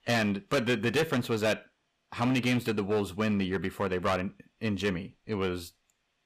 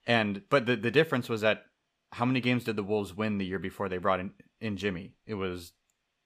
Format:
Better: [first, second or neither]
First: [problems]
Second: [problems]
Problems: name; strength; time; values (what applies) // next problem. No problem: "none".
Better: second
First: distortion; heavy; 8% of the sound clipped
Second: none